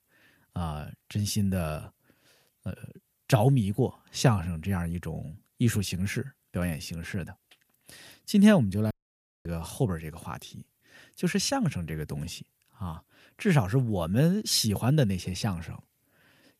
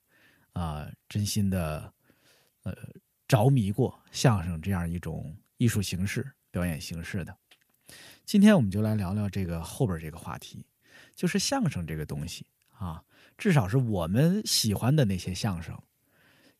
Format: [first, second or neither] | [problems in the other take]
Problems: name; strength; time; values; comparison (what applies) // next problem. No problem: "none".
second | audio cutting out; at 9 s for 0.5 s